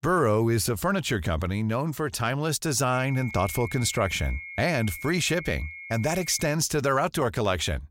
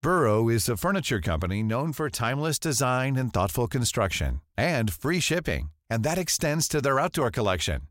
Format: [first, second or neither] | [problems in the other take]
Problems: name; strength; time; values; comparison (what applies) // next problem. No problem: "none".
second | high-pitched whine; noticeable; from 3 to 6.5 s; 2 kHz, 10 dB below the speech